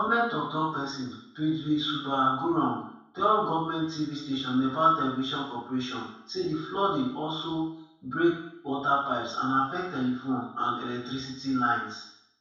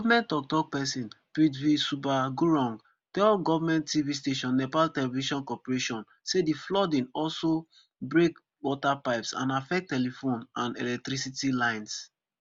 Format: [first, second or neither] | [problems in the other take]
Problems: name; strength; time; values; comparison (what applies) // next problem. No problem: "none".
second | room echo; dies away in 0.7 s